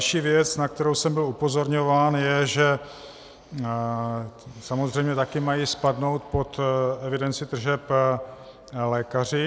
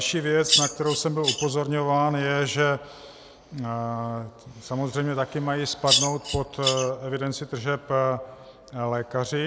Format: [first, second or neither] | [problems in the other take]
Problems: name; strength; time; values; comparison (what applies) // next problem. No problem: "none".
first | background sound (Bird vocalization, bird call, bird song); 1 dB above the speech